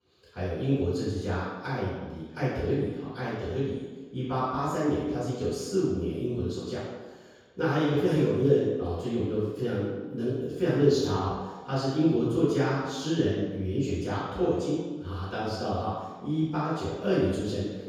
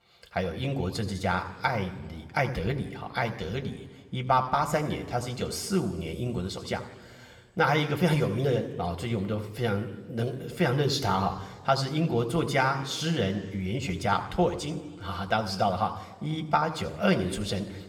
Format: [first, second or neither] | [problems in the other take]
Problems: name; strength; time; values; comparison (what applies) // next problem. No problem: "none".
second | room echo; strong; dies away in 1.2 s; slight in the second // off-mic speech; far